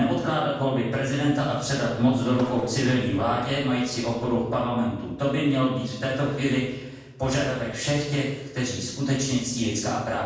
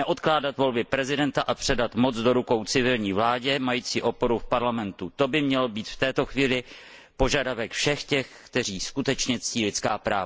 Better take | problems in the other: second | noise reduction (neural separator model SepFormer DNS4)

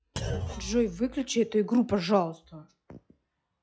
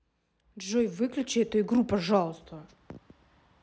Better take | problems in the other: second | noise reduction (classical method log-MMSE)

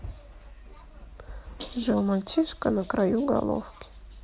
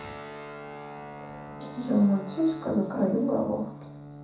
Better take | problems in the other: first | background sound (Guitar); 13 dB below the speech // room echo; dies away in 0.7 s

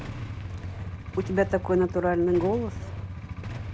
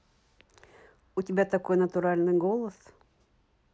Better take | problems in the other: second | background sound (Idling / Engine starting / Motorcycle / Accelerating, revving, vroom); 7 dB below the speech

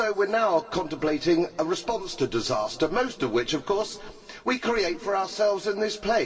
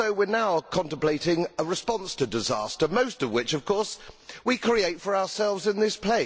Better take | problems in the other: second | room echo; dies away in 2.4 s

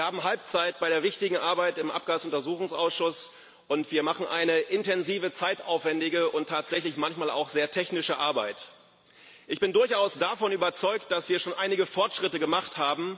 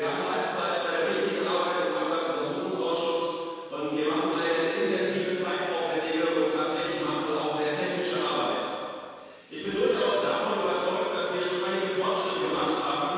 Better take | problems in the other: first | room echo; dies away in 2.1 s

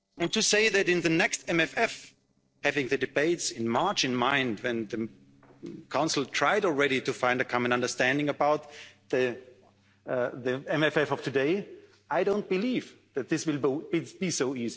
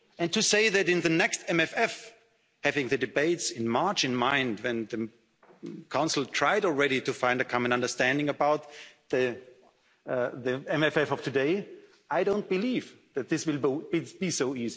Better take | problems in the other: second | noise reduction (neural separator model SepFormer DNS4)

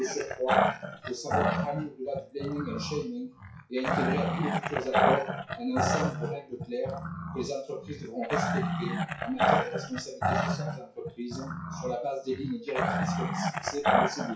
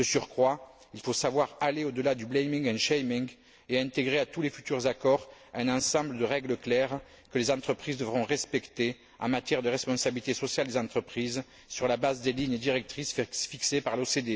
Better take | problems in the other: second | noise reduction (classical method WPE with log-MMSE)

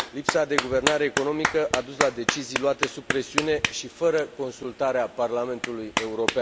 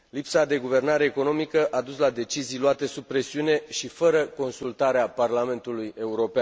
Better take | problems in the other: second | background sound (Clapping); 4 dB below the speech

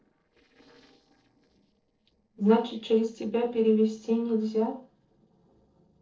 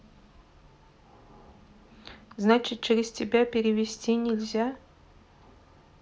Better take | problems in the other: second | noise reduction (neural separator model SepFormer DNS4)

